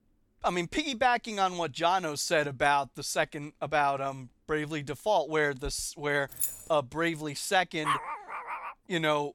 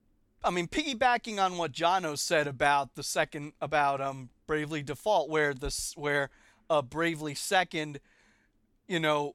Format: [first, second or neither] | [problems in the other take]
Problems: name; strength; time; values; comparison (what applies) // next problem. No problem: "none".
second | jangling keys; noticeable; at 6.5 s; peak 2 dB below the speech // dog barking; noticeable; at 8 s; peak 1 dB below the speech